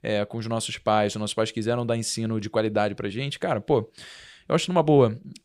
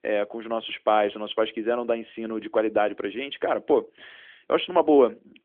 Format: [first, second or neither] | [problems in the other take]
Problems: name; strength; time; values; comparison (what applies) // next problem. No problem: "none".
first | phone-call audio; nothing above 3.5 kHz